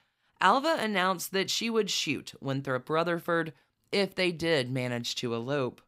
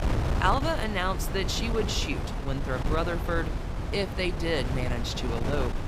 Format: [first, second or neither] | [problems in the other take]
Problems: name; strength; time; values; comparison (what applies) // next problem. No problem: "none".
first | wind noise on the microphone; heavy; 7 dB below the speech